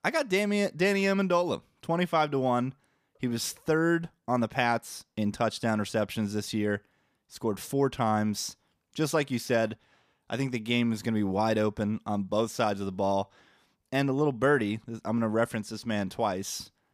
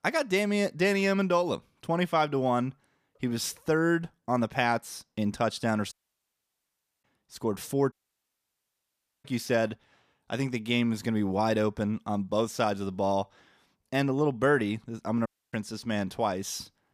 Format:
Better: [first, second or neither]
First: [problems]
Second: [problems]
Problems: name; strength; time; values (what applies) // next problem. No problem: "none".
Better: first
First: none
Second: audio cutting out; at 6 s for 1 s, at 8 s for 1.5 s and at 15 s